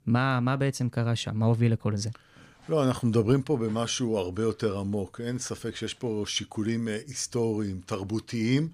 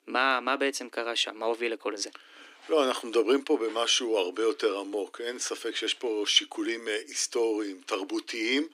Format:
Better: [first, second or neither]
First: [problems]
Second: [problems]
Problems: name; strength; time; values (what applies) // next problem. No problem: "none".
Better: first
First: none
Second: thin; somewhat; fading below 300 Hz